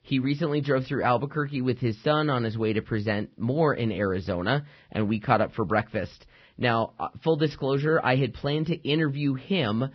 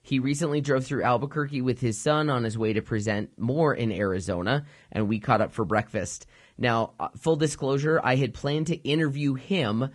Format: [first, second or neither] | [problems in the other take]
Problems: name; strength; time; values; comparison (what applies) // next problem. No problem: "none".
second | garbled, watery; badly; nothing above 5 kHz; slightly in the second